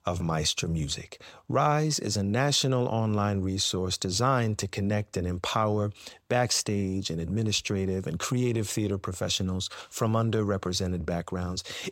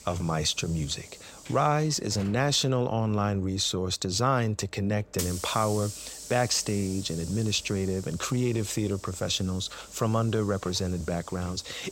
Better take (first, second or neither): first